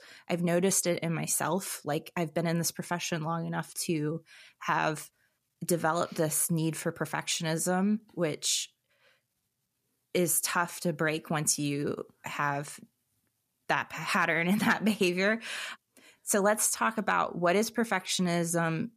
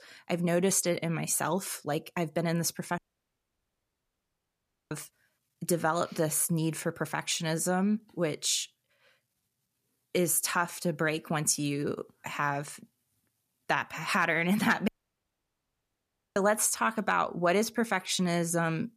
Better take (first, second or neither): first